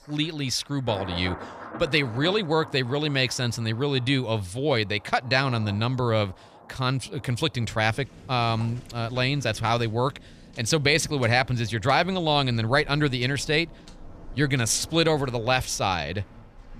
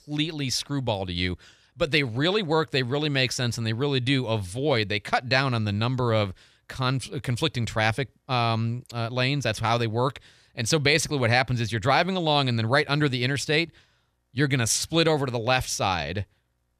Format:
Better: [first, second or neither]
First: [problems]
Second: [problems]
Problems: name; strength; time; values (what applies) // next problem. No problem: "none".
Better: second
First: rain or running water; noticeable; throughout; 20 dB below the speech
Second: none